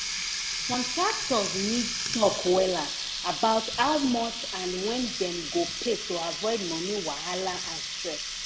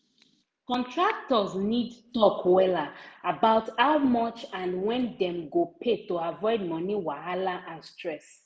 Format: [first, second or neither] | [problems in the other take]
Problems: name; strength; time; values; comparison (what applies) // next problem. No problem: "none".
second | background sound (Water tap, faucet); 4 dB below the speech